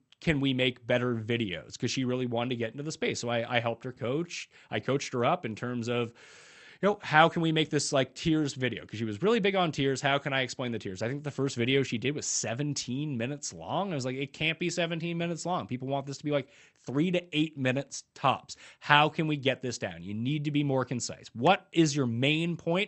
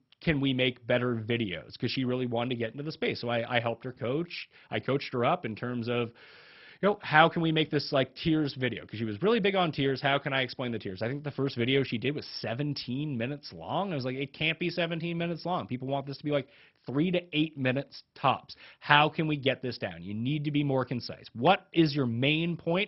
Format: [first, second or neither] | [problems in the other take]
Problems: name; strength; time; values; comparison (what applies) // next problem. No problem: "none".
first | garbled, watery; badly; nothing above 5.5 kHz; slightly in the first